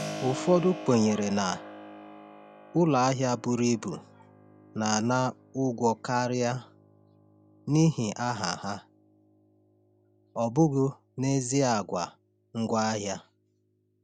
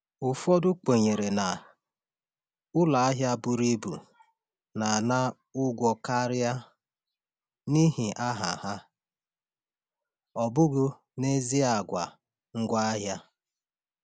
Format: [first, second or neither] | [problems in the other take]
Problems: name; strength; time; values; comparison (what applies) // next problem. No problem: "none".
second | background sound (Keyboard (musical)); 17 dB below the speech